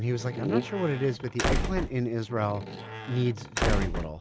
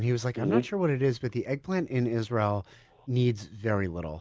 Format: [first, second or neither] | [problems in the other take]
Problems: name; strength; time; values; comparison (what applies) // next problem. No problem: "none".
second | background sound (Squeak / Slam / Wood); 2 dB below the speech